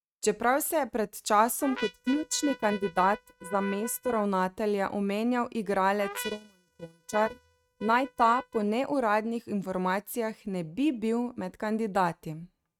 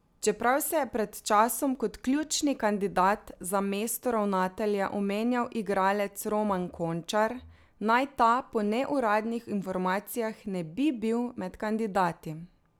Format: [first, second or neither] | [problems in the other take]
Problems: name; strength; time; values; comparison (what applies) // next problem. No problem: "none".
second | noise reduction (neural mask model RNNoise)